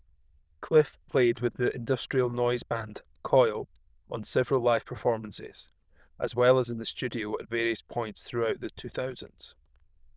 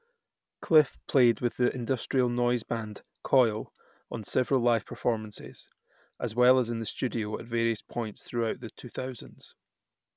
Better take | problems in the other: second | noise reduction (neural diffusion model UNIVERSE++)

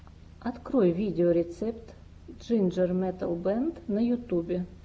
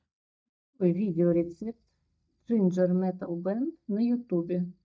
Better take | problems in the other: first | noise reduction (neural mask model DeepFilterNet 3)

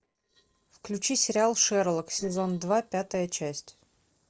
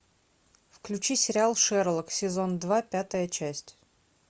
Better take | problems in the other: second | noise reduction (neural separator model SepFormer DNS4)

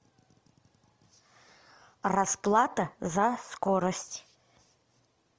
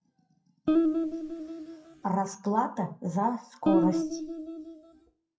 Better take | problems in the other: first | noise reduction (classical method WPE with log-MMSE)

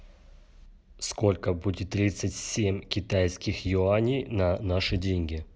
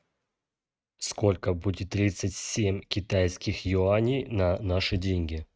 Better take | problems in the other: first | noise reduction (neural mask model RNNoise)

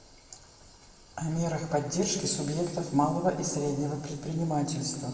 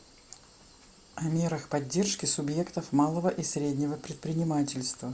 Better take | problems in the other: second | room echo; dies away in 2 s

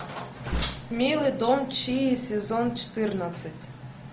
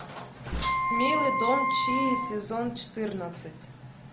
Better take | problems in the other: first | background sound (Wind instrument, woodwind instrument); 3 dB above the speech

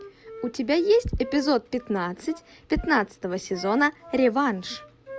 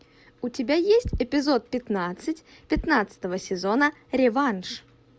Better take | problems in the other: second | background sound (Wind instrument, woodwind instrument); 18 dB below the speech

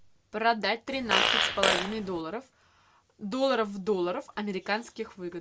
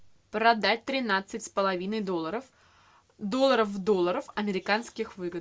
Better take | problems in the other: second | background sound (Fart); 3 dB above the speech

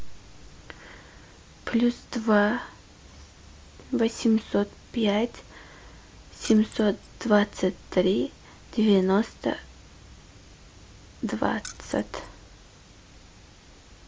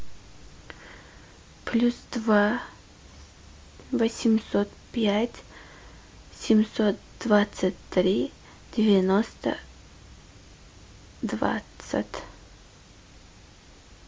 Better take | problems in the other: second | background sound (Keys jangling); 17 dB below the speech

